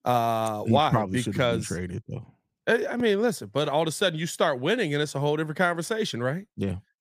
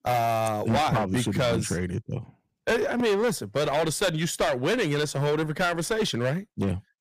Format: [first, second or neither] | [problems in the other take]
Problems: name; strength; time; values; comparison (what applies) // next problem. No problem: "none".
first | distortion; heavy; 14% of the sound clipped